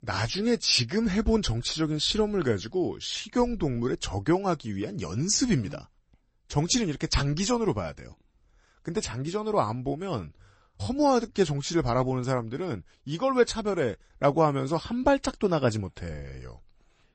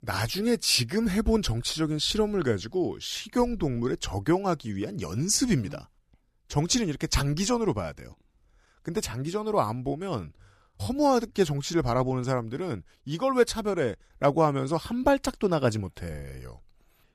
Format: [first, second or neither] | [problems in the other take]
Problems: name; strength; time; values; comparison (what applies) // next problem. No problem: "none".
second | garbled, watery; slightly; nothing above 8 kHz